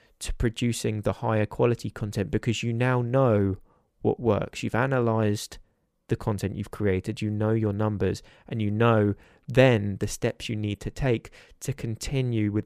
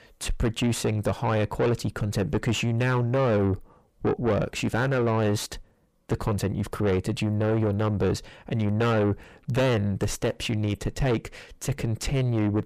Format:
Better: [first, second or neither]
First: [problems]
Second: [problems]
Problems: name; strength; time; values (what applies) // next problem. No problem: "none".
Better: first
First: none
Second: distortion; heavy; 5 dB below the speech